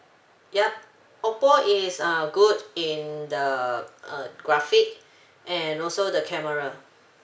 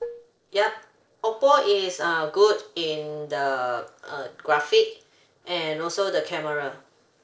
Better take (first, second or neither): first